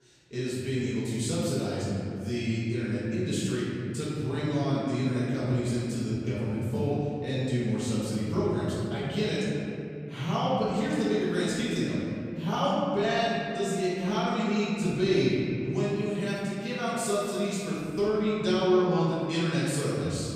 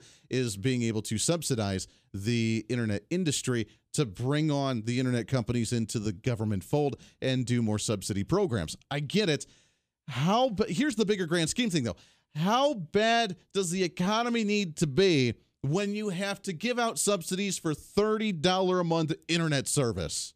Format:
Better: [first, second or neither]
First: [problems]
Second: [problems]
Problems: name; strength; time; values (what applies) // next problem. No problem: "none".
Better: second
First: room echo; strong; dies away in 2.6 s // off-mic speech; far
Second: none